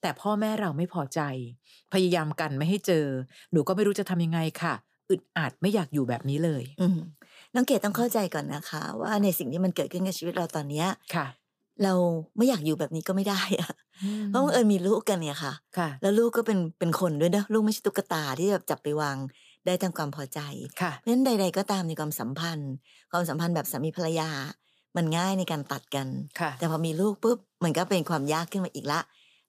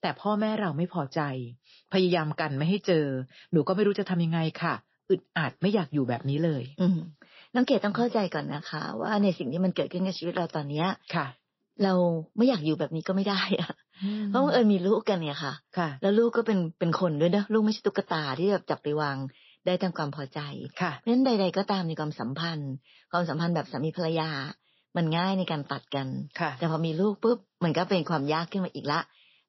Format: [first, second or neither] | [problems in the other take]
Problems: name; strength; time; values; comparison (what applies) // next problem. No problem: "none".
first | garbled, watery; slightly; nothing above 5.5 kHz